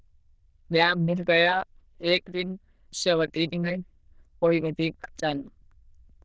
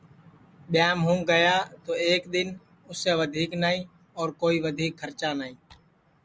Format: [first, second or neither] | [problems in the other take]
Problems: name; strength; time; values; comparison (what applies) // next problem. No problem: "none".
second | noise reduction (neural diffusion model UNIVERSE++)